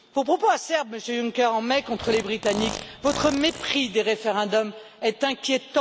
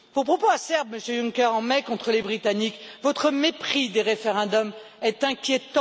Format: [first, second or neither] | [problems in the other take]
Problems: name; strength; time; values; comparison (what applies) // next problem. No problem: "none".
second | background sound (Fart); 11 dB below the speech